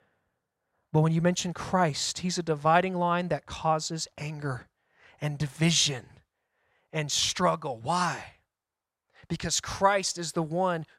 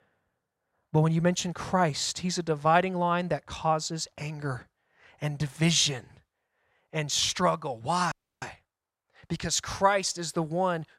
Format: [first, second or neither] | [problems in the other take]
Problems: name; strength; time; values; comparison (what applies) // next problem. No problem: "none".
first | audio freezing; at 8 s